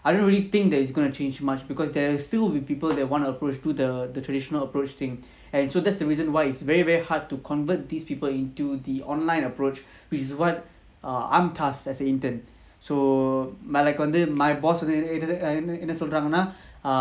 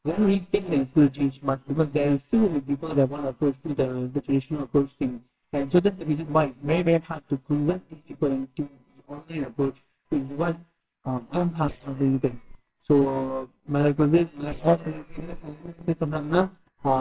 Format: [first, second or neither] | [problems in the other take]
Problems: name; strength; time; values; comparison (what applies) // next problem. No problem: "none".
first | noise reduction (neural separator model SepFormer WHAMR!)